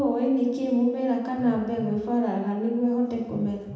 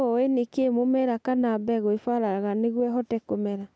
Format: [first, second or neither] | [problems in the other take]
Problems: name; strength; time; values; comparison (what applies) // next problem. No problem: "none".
second | background sound (Telephone); 19 dB below the speech // room echo; dies away in 1 s